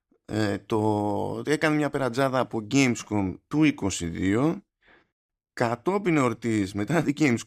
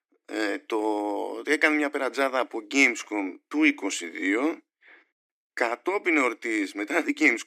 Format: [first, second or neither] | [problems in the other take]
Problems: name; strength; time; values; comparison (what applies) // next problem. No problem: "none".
first | thin; very slightly; fading below 300 Hz